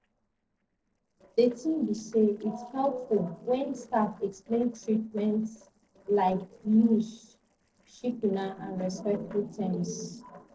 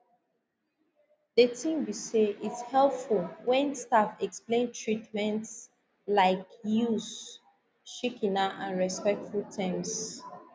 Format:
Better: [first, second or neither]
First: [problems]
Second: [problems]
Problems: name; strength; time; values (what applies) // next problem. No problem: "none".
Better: second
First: noise reduction (neural separator model SepFormer DNS4)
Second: none